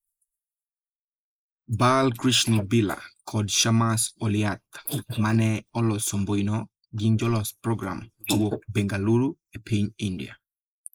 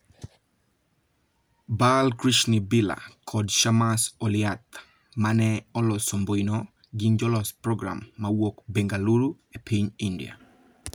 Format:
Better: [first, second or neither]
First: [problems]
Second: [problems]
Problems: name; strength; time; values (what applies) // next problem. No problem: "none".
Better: second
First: noise reduction (neural mask model Resemble Enhance denoiser)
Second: none